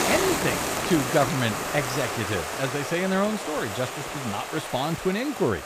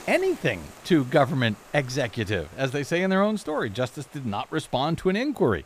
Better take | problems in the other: second | hiss; loud; throughout; 2 dB below the speech; faint in the second

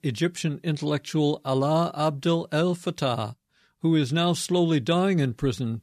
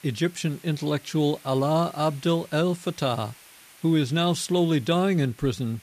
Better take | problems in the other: first | hiss; faint; throughout; 25 dB below the speech

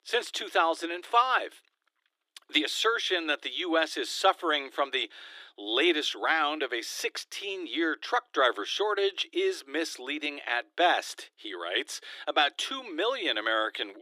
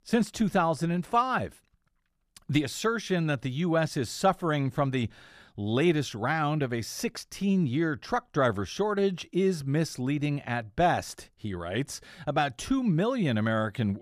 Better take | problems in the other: second | thin; very; fading below 300 Hz

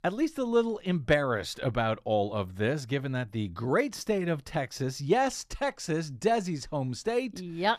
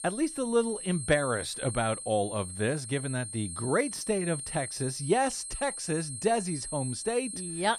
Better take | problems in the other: first | high-pitched whine; loud; throughout; 8.5 kHz, 6 dB below the speech

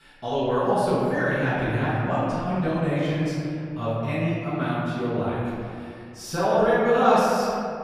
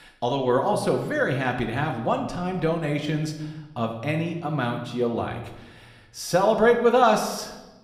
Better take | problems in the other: second | room echo; strong; dies away in 2.2 s; slight in the second // off-mic speech; far

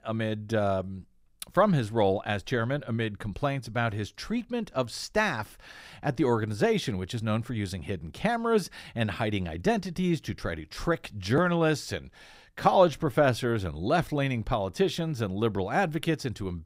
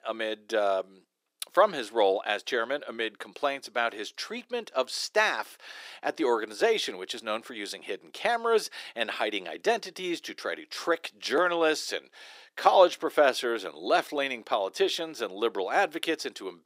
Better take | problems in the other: first | thin; very; fading below 350 Hz

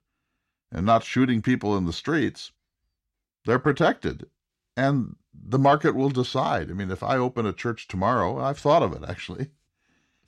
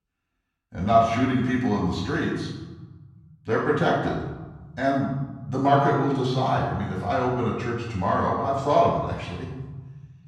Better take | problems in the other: first | off-mic speech; far // room echo; noticeable; dies away in 1.3 s

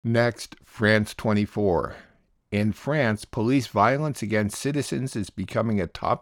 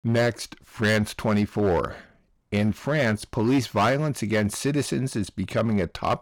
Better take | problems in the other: first | distortion; slight; 7% of the sound clipped

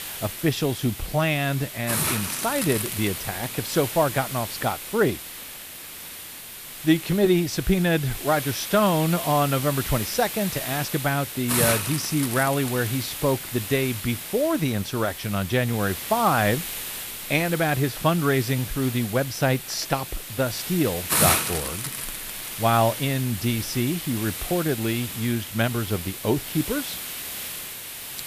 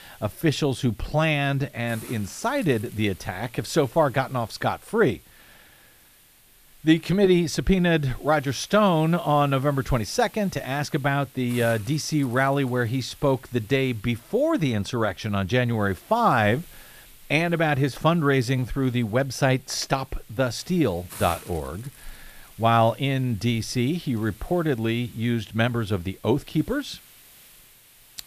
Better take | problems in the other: second | hiss; loud; throughout; 5 dB below the speech; faint in the second

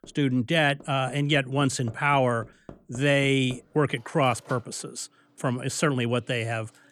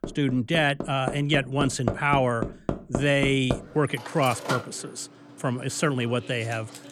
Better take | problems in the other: first | machinery noise; loud; throughout; 9 dB below the speech; faint in the first

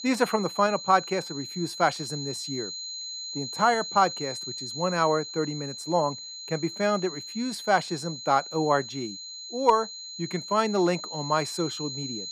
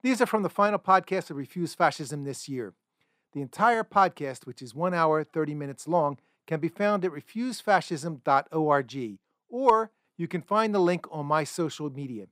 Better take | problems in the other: second | high-pitched whine; loud; throughout; 4 kHz, 8 dB below the speech

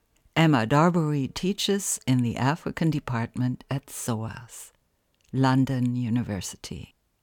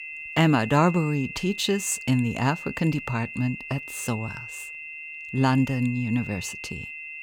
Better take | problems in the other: first | high-pitched whine; noticeable; throughout; 2.5 kHz, 10 dB below the speech

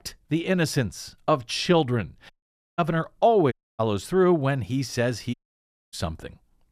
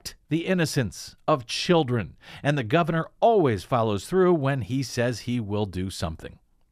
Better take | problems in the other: second | audio cutting out; at 2.5 s, at 3.5 s and at 5.5 s for 0.5 s

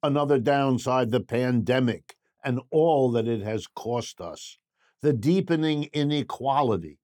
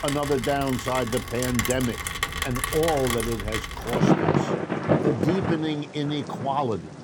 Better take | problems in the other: first | rain or running water; very loud; throughout; as loud as the speech

